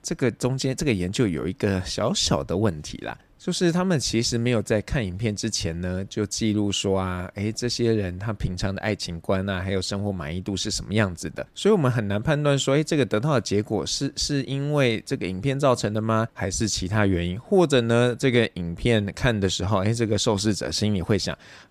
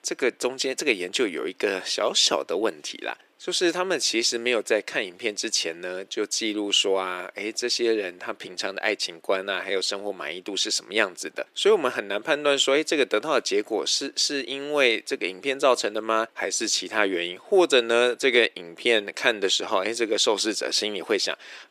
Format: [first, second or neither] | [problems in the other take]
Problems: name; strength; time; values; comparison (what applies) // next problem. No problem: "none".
first | thin; very; fading below 350 Hz